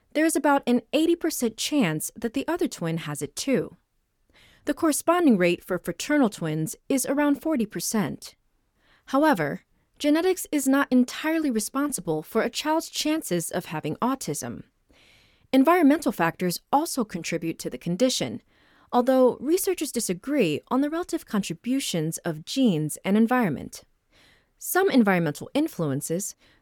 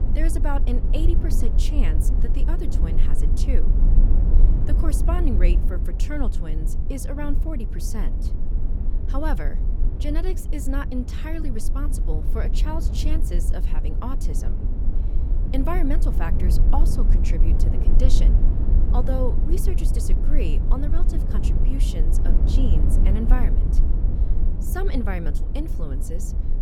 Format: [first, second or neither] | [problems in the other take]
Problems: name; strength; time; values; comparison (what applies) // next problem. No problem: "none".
first | low rumble; loud; throughout; 5 dB below the speech